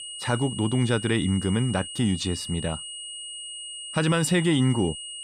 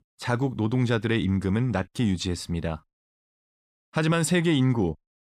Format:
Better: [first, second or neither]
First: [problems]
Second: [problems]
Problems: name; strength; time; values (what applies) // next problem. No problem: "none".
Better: second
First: high-pitched whine; loud; throughout; 3 kHz, 9 dB below the speech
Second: none